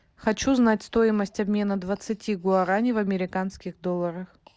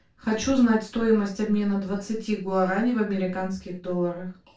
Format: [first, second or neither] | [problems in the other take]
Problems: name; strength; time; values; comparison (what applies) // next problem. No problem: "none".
first | room echo; dies away in 0.2 s